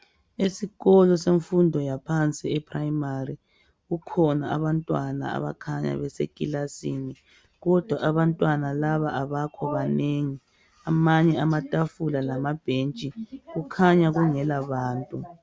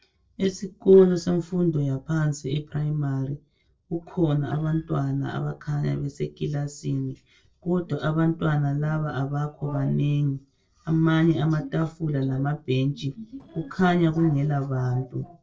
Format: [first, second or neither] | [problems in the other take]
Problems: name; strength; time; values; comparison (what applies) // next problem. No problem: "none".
first | noise reduction (neural separator model SepFormer DNS4)